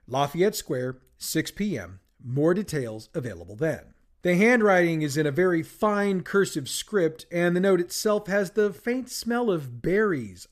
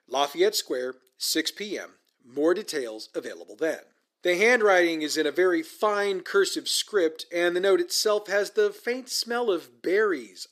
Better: first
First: none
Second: thin; somewhat; fading below 350 Hz

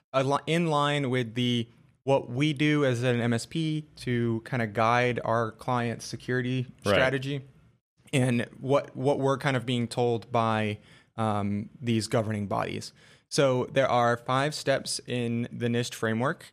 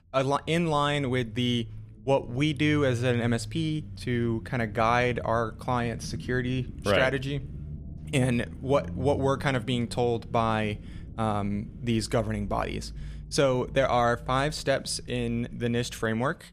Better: first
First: none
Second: low rumble; faint; throughout; 25 dB below the speech

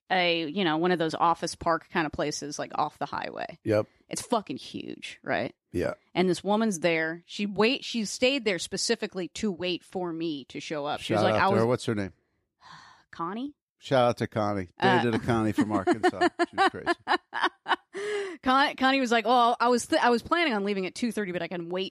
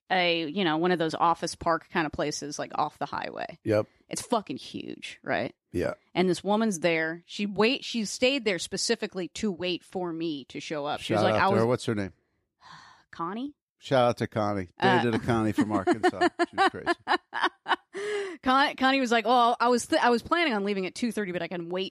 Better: neither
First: none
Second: none

